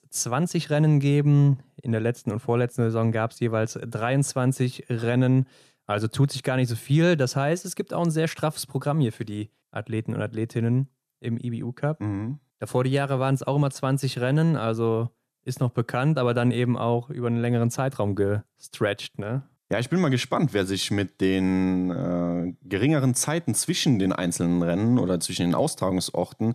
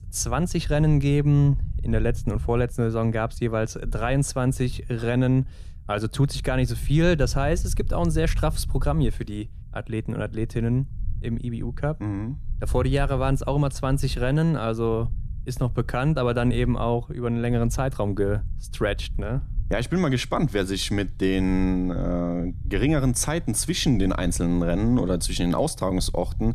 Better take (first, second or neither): first